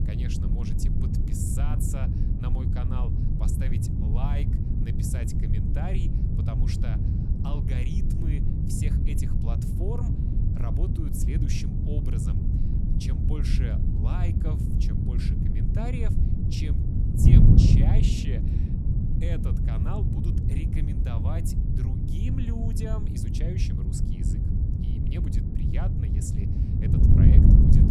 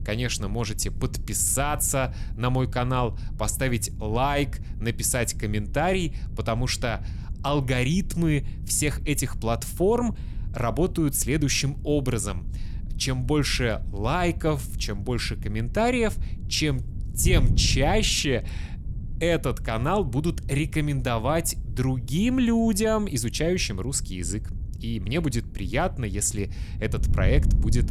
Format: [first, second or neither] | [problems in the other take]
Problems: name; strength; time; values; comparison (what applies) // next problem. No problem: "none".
second | wind noise on the microphone; heavy; 4 dB above the speech; occasional gusts in the second